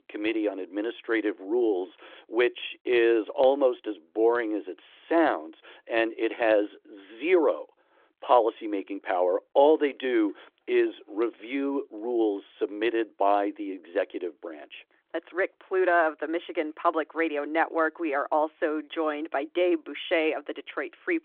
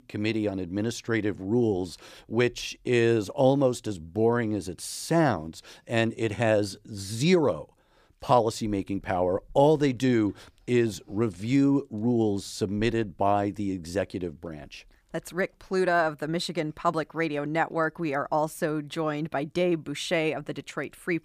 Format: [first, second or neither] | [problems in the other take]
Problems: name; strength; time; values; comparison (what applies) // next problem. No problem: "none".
second | phone-call audio; nothing above 3.5 kHz